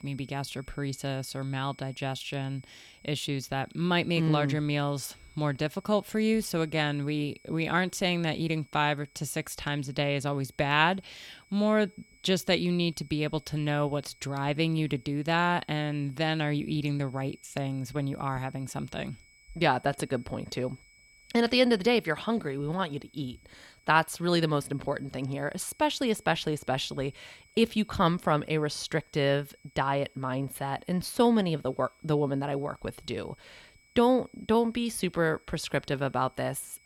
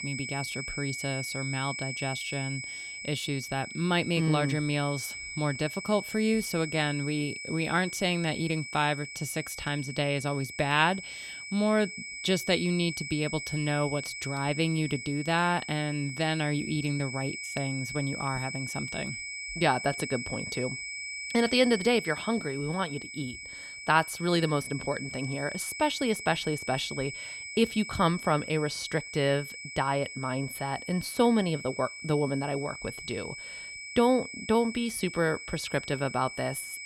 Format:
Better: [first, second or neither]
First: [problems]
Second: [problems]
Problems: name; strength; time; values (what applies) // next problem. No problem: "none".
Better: first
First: high-pitched whine; faint; throughout; 2.5 kHz, 30 dB below the speech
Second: high-pitched whine; loud; throughout; 2.5 kHz, 8 dB below the speech